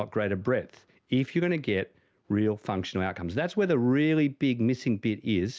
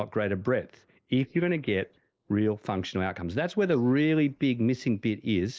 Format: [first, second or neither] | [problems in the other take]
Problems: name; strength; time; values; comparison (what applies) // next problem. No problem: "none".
first | noise reduction (neural mask model Resemble Enhance denoiser)